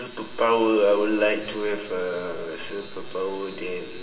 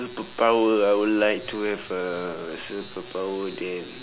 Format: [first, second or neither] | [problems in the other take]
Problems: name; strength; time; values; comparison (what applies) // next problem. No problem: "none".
second | room echo; dies away in 2.1 s